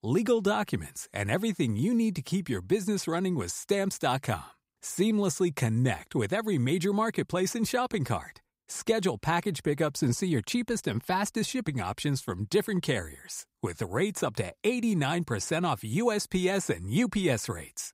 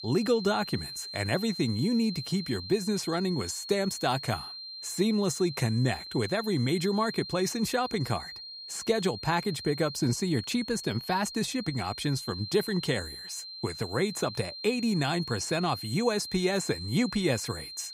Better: first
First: none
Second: high-pitched whine; loud; throughout; 4 kHz, 9 dB below the speech

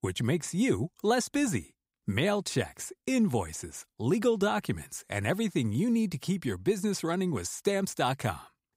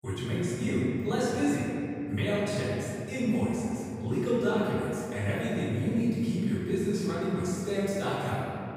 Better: first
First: none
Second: off-mic speech; far // room echo; strong; dies away in 2.6 s

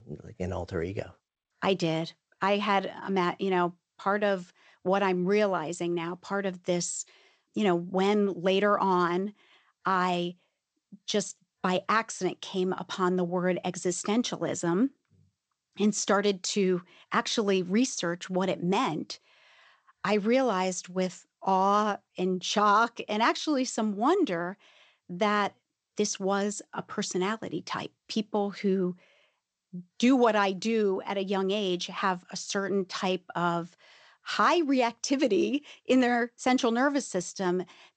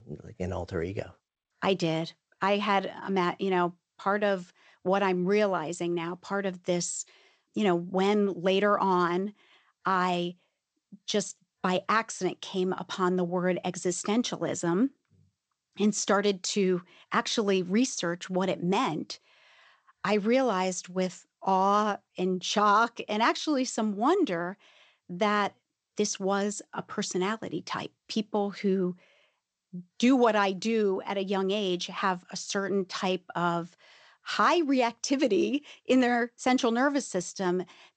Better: neither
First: garbled, watery; slightly; nothing above 8 kHz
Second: garbled, watery; slightly; nothing above 8 kHz

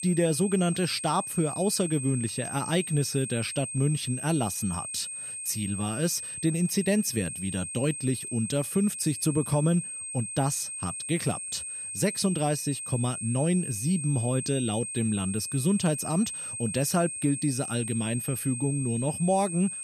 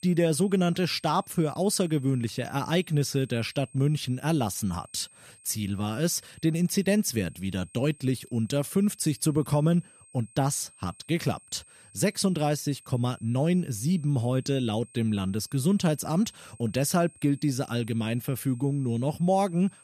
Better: second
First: high-pitched whine; loud; throughout; 8.5 kHz, 5 dB below the speech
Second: high-pitched whine; faint; throughout; 8.5 kHz, 25 dB below the speech

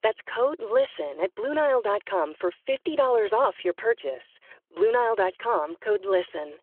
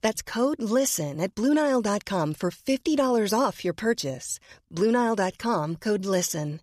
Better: second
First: phone-call audio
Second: none

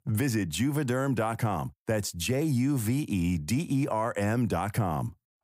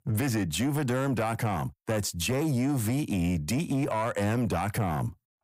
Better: first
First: none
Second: distortion; slight; 10 dB below the speech

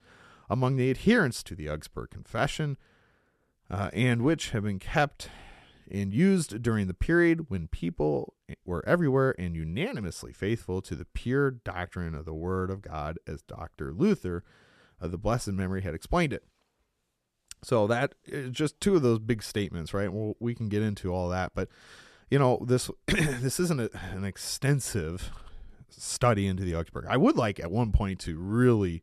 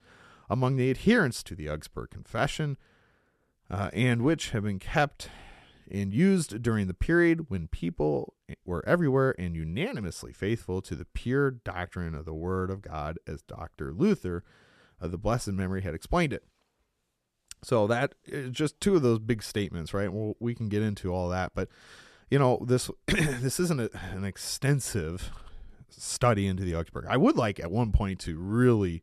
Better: neither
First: none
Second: none

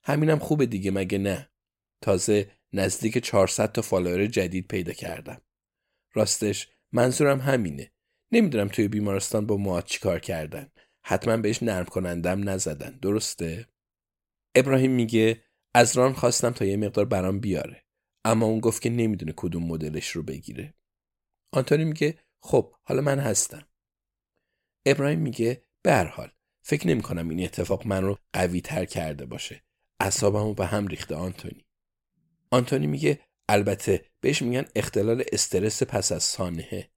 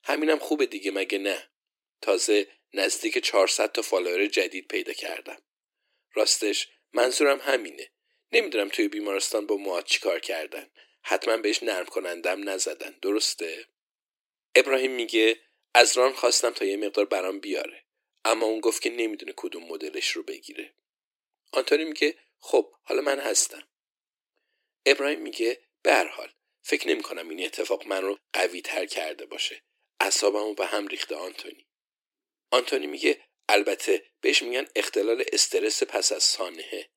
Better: first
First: none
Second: thin; somewhat; fading below 300 Hz

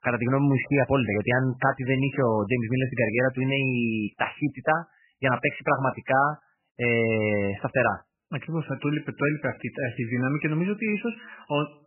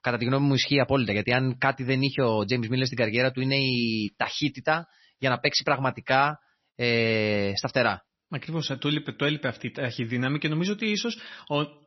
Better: second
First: garbled, watery; badly; nothing above 3 kHz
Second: garbled, watery; slightly; nothing above 6 kHz

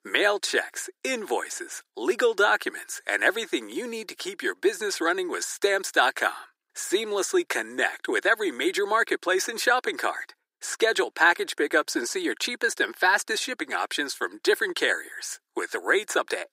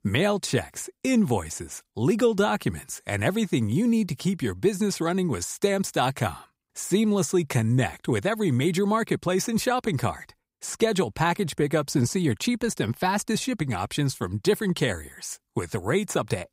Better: second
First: thin; very; fading below 350 Hz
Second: none

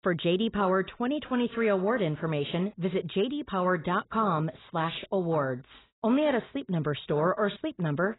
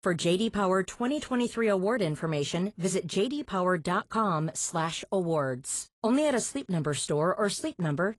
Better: second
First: garbled, watery; badly; nothing above 4 kHz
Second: garbled, watery; slightly; nothing above 10.5 kHz

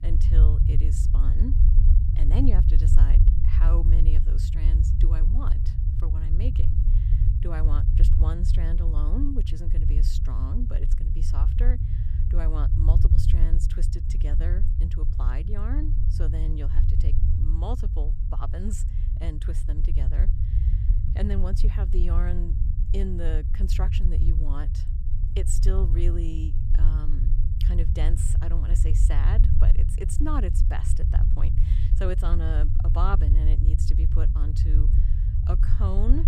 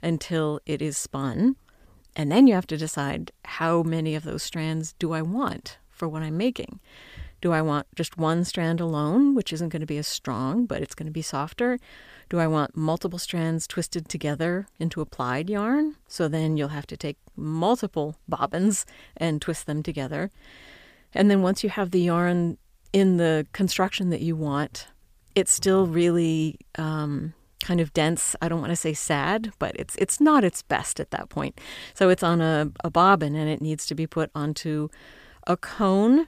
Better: second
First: low rumble; loud; throughout; 3 dB below the speech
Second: none

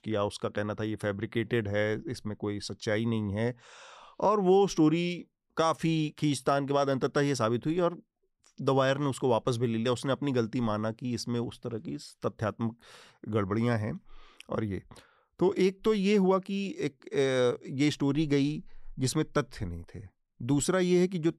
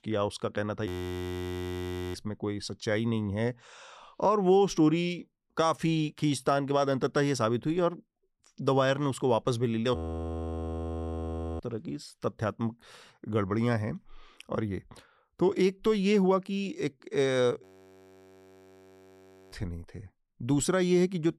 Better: first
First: none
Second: audio freezing; at 1 s for 1.5 s, at 10 s for 1.5 s and at 18 s for 2 s

